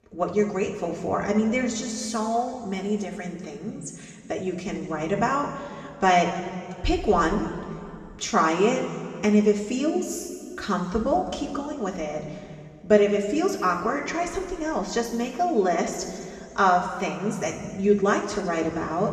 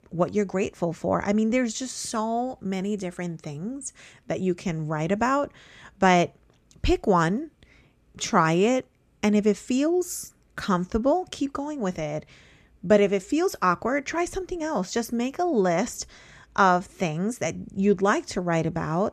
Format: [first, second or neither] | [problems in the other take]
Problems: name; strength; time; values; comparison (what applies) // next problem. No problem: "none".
second | room echo; noticeable; dies away in 2 s // off-mic speech; far